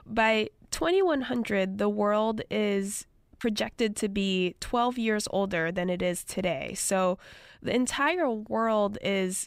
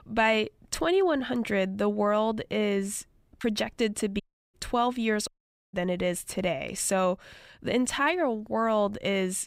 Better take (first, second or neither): first